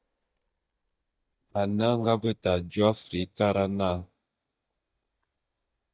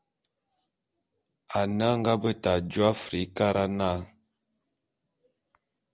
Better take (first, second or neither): second